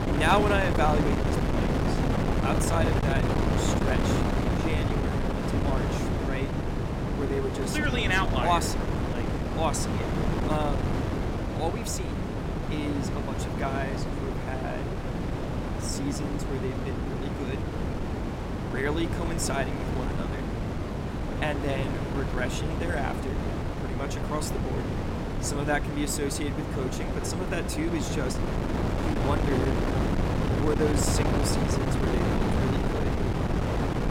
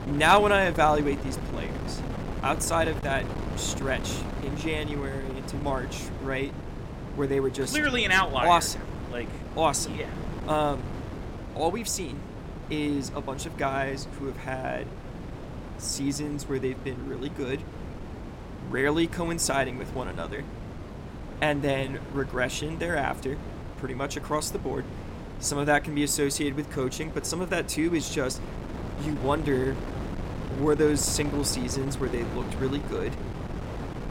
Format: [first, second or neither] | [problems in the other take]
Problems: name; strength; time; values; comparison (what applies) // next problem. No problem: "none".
second | wind noise on the microphone; heavy; 1 dB below the speech; occasional gusts in the second